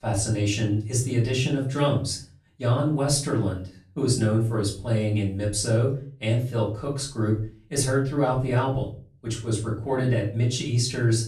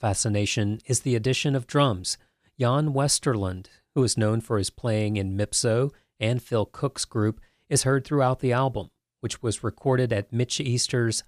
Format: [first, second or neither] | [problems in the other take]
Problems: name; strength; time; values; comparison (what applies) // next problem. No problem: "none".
second | off-mic speech; far // room echo; slight; dies away in 0.4 s